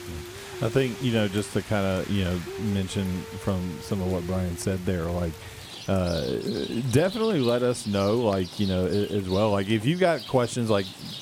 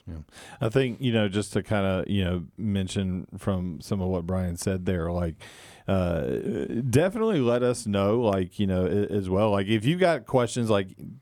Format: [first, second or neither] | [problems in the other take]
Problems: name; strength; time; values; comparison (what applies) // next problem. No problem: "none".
second | rain or running water; noticeable; throughout; 10 dB below the speech